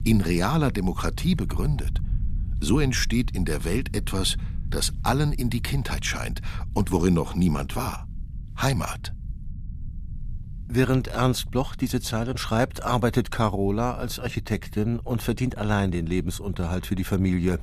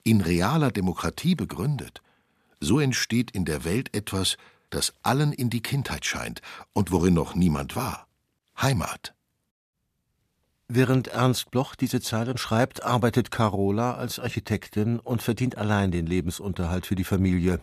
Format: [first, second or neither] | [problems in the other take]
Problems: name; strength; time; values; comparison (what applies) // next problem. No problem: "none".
second | low rumble; faint; throughout; 20 dB below the speech